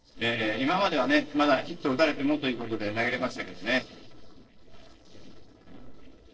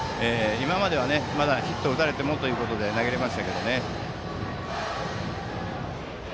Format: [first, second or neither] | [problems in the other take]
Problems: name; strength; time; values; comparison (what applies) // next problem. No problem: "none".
second | noise reduction (neural separator model SepFormer DNS4)